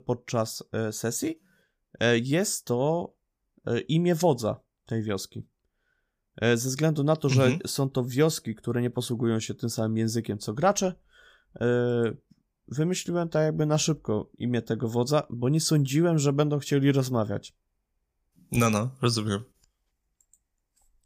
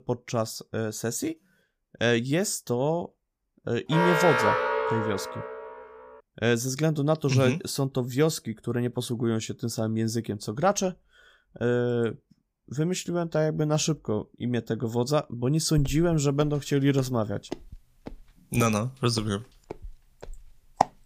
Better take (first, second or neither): first